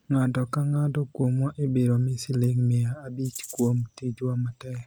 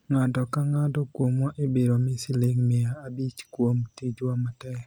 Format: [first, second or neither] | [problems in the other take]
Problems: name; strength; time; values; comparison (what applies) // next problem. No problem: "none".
second | background sound (Rattle (instrument)); 17 dB below the speech